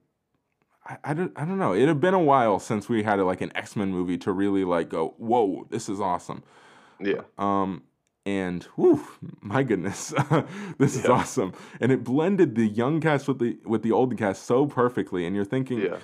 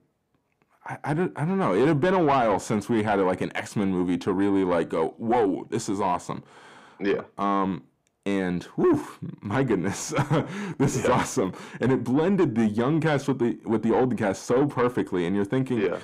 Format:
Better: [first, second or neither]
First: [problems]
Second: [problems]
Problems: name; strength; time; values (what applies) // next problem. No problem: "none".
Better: first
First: none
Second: distortion; slight; 10 dB below the speech